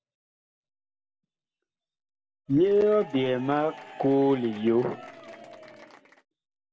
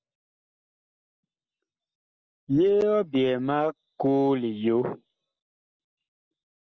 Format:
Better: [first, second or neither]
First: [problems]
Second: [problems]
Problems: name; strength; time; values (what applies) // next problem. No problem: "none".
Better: second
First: background sound (Applause / Crowd / Cheering); 18 dB below the speech // room echo; dies away in 1.6 s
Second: none